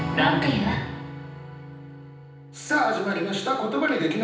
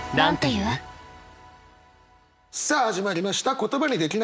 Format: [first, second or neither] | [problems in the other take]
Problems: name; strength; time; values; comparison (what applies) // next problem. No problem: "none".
second | background sound (Acoustic guitar / Strum); 10 dB below the speech // room echo; dies away in 0.9 s